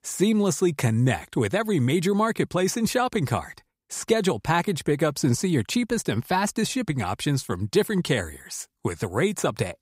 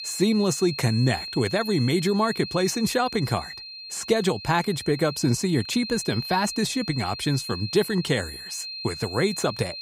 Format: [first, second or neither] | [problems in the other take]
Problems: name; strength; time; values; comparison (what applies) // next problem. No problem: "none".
first | high-pitched whine; loud; throughout; 4 kHz, 9 dB below the speech